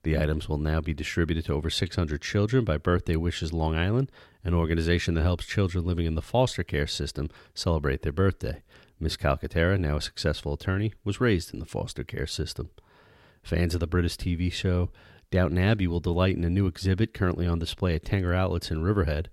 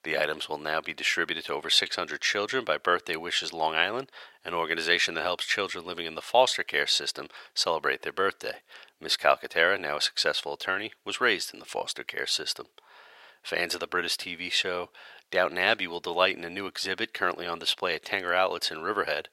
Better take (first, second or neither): first